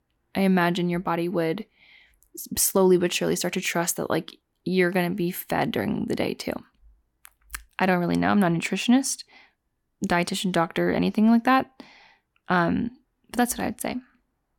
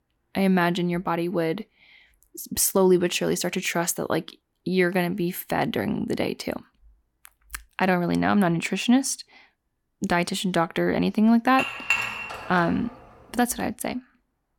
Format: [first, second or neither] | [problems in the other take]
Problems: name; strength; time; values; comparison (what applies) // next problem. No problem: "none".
first | clattering dishes; loud; from 12 to 13 s; peak level with the speech